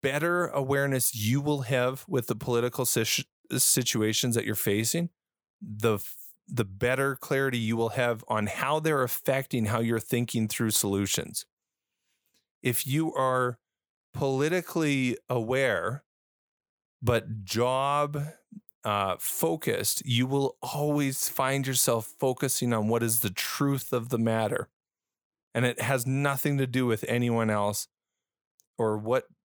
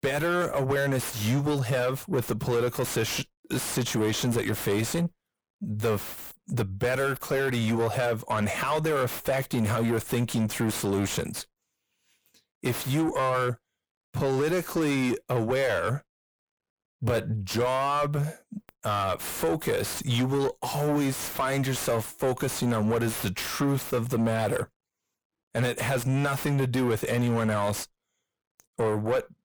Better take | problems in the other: first | distortion; heavy; 5 dB below the speech

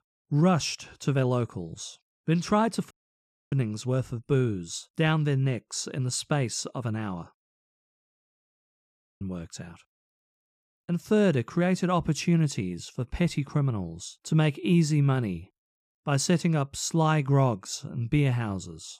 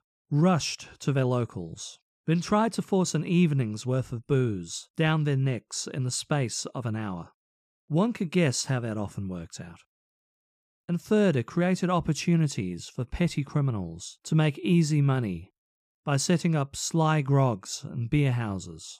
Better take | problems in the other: second | audio cutting out; at 3 s for 0.5 s and at 7.5 s for 1.5 s

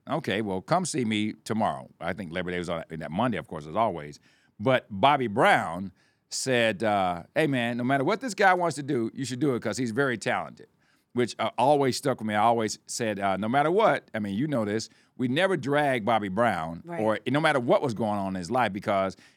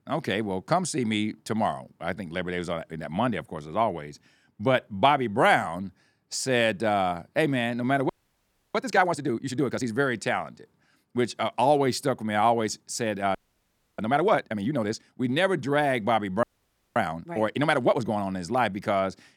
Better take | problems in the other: first | audio freezing; at 8 s for 0.5 s, at 13 s for 0.5 s and at 16 s for 0.5 s

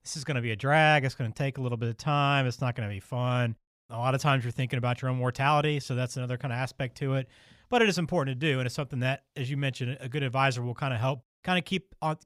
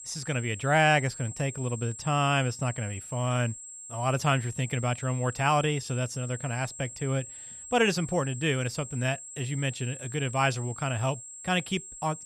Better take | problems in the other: first | high-pitched whine; noticeable; throughout; 7.5 kHz, 10 dB below the speech

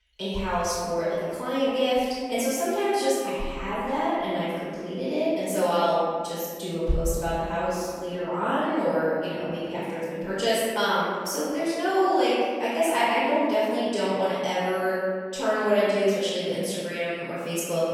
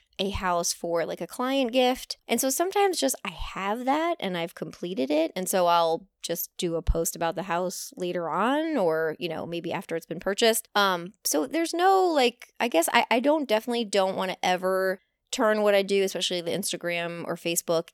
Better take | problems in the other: second | off-mic speech; far // room echo; strong; dies away in 1.7 s

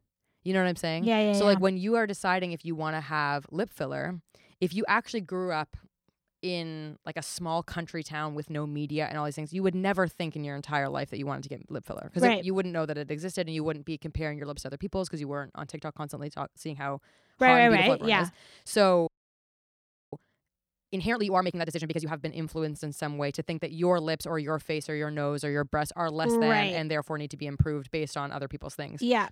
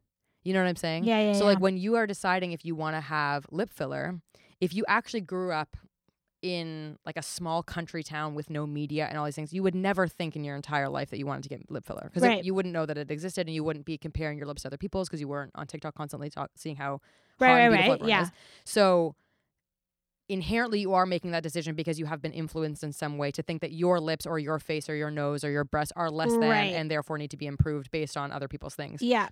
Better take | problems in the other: second | audio freezing; at 19 s for 1 s

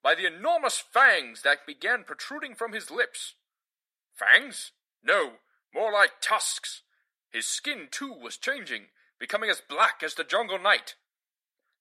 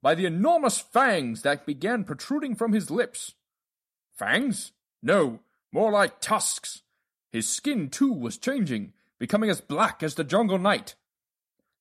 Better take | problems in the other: second | thin; very; fading below 450 Hz

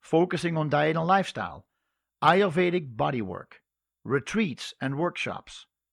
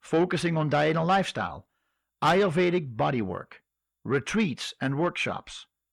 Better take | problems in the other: first | distortion; slight; 10 dB below the speech

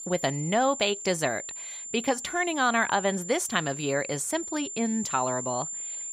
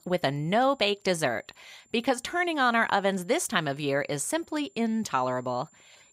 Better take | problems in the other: second | high-pitched whine; loud; throughout; 7.5 kHz, 7 dB below the speech; faint in the second

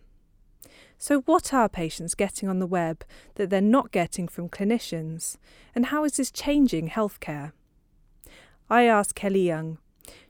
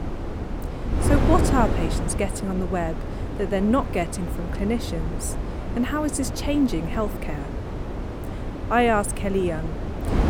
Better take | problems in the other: first | wind noise on the microphone; heavy; 8 dB below the speech

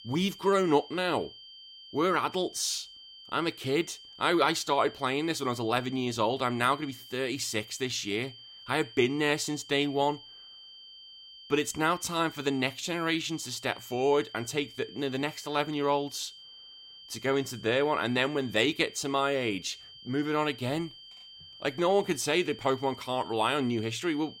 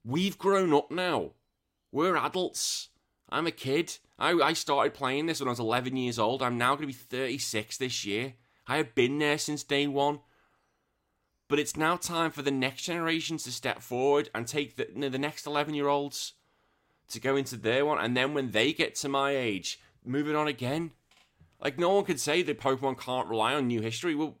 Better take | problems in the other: second | high-pitched whine; noticeable; throughout; 3 kHz, 15 dB below the speech

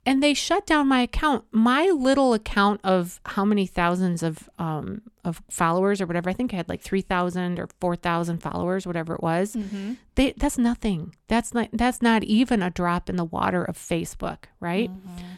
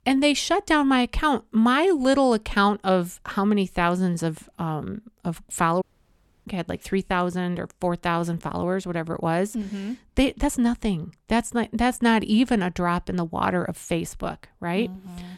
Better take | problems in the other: first | audio cutting out; at 6 s for 0.5 s

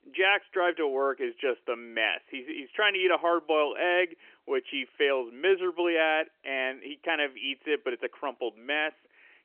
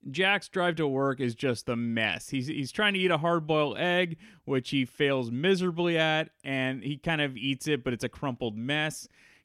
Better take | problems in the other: second | phone-call audio; nothing above 3 kHz

